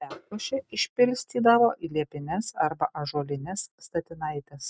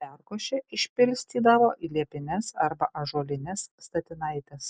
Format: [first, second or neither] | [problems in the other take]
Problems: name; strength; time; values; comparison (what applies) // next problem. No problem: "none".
second | noise reduction (neural mask model RNNoise)